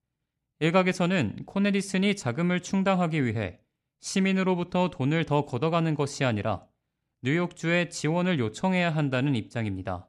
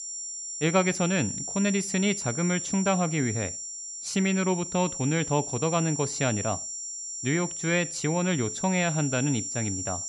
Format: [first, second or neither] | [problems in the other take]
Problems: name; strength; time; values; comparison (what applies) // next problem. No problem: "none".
first | high-pitched whine; loud; throughout; 7.5 kHz, 5 dB below the speech